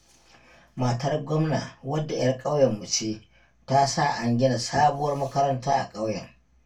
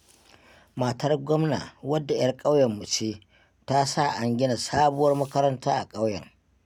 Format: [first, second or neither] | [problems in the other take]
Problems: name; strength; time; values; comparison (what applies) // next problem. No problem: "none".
second | room echo; dies away in 0.2 s